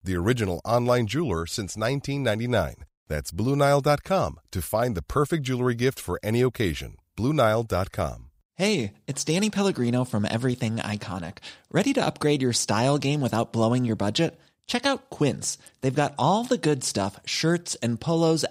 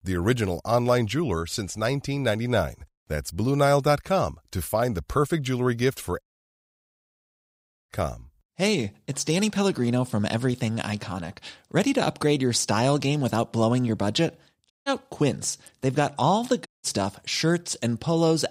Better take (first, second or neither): first